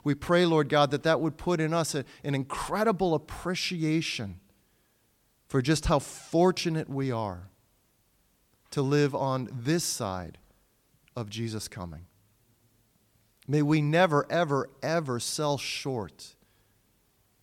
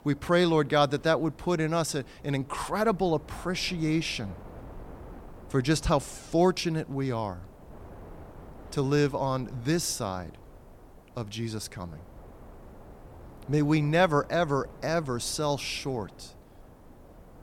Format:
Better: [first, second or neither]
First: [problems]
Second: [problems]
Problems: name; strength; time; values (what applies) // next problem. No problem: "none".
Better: first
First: none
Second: wind noise on the microphone; occasional gusts; 25 dB below the speech